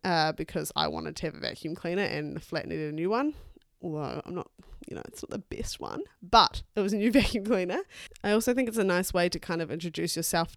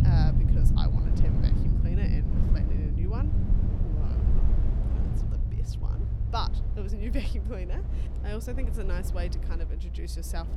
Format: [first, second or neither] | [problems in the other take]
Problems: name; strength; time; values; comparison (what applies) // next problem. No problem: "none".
first | low rumble; loud; throughout; 1 dB below the speech